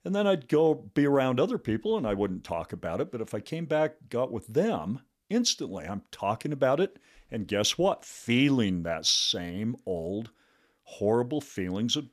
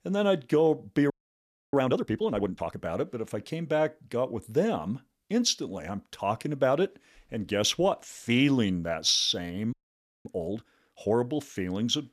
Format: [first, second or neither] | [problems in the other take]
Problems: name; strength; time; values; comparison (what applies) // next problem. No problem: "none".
first | audio freezing; at 1 s for 0.5 s and at 9.5 s for 0.5 s